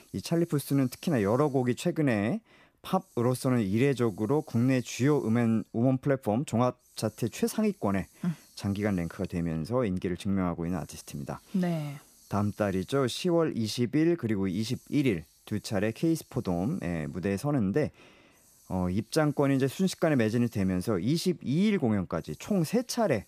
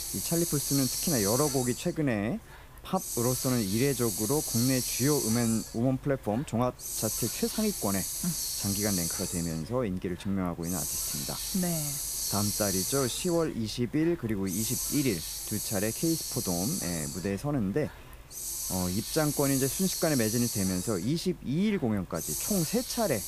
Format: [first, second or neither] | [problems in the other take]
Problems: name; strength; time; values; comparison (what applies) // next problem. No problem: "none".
first | hiss; loud; throughout; 1 dB below the speech; faint in the first